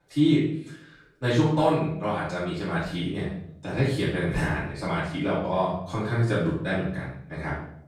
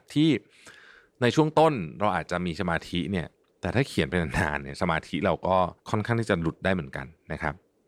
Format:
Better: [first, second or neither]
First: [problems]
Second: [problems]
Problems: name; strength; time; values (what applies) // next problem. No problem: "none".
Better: second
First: off-mic speech; far // room echo; noticeable; dies away in 0.6 s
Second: none